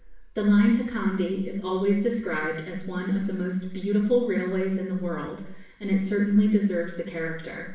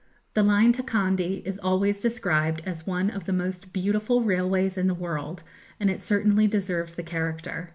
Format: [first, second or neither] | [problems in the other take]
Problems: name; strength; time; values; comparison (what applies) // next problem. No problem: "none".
second | room echo; dies away in 0.7 s